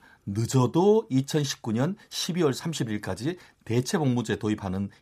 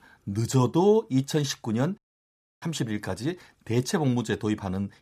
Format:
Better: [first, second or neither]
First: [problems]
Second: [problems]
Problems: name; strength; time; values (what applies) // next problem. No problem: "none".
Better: first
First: none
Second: audio cutting out; at 2 s for 0.5 s